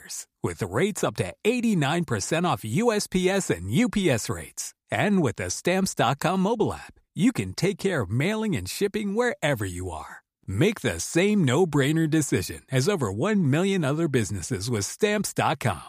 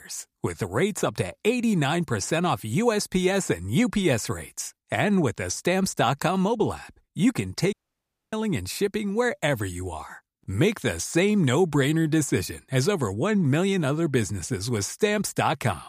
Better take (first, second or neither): first